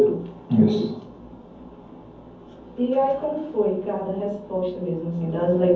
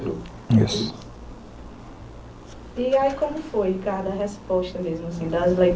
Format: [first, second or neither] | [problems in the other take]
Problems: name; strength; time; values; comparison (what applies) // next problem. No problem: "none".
second | room echo; dies away in 0.5 s